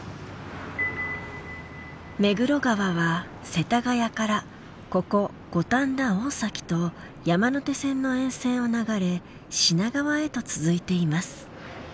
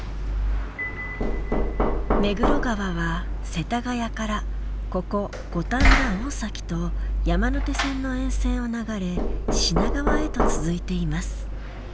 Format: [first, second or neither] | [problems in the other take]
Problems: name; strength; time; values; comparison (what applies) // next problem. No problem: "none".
first | background sound (Knock); 4 dB above the speech